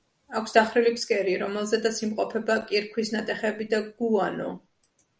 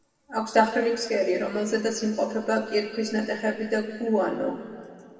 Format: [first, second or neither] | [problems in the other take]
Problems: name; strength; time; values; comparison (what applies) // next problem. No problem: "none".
first | room echo; dies away in 2.2 s